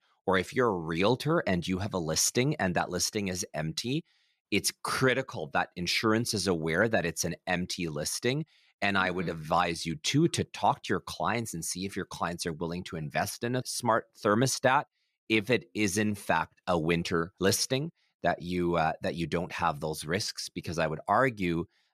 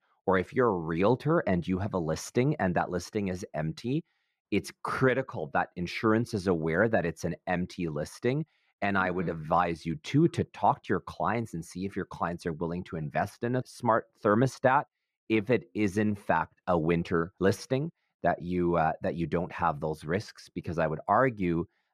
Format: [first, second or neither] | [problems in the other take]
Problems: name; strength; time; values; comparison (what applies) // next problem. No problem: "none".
first | muffled; slightly; fading above 2.5 kHz